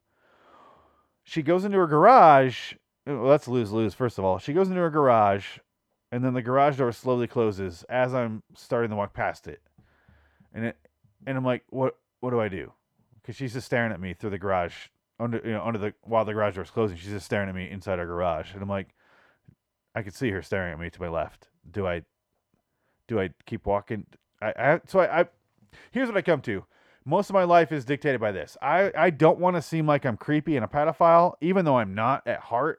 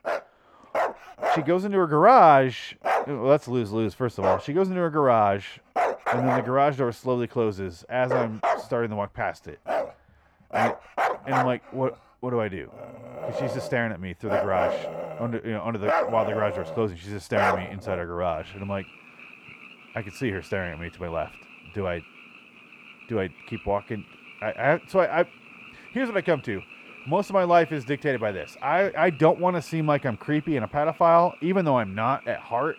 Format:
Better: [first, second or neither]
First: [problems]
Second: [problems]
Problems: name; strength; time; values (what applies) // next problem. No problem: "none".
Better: first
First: none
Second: animal sounds; loud; throughout; 4 dB below the speech